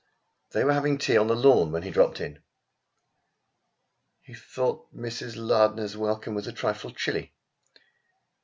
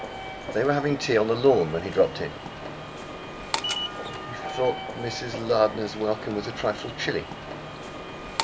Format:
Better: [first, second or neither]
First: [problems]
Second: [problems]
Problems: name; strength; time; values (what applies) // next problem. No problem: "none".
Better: first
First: none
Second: background sound (Walk, footsteps / Subway, metro, underground); 7 dB below the speech